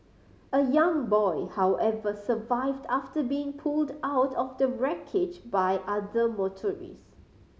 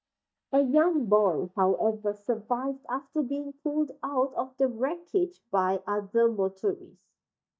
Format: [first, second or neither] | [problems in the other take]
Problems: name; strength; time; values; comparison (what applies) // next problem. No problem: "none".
first | noise reduction (neural mask model DeepFilterNet 3)